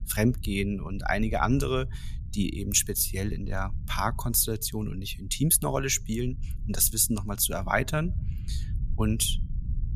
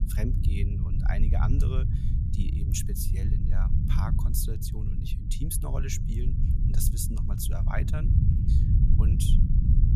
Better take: first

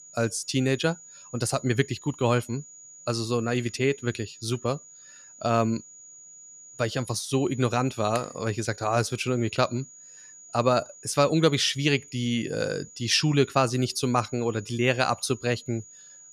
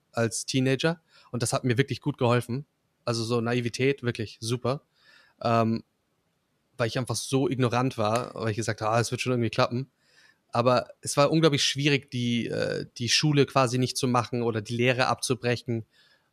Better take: second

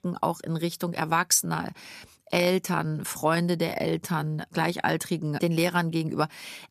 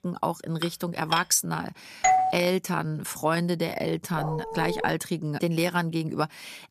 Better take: first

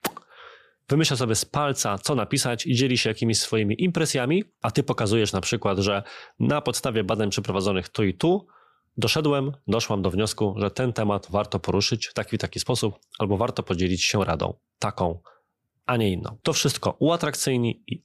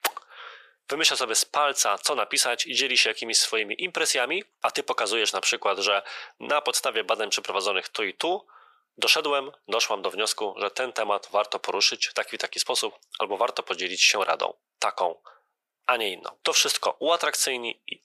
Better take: first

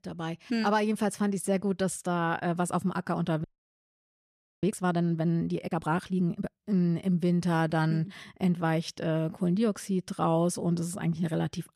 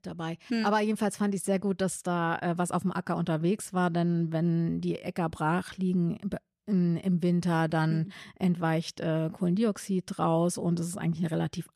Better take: second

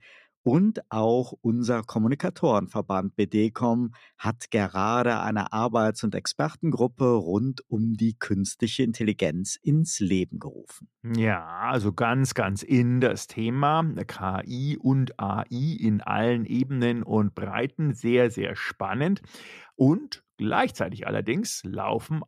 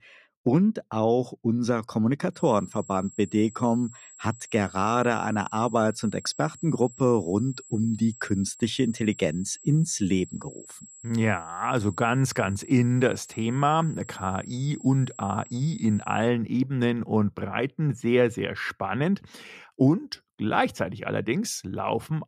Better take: first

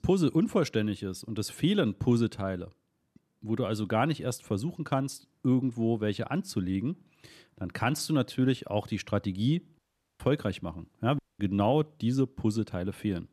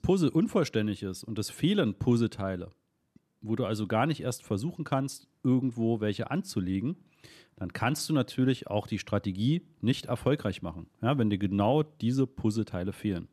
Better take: second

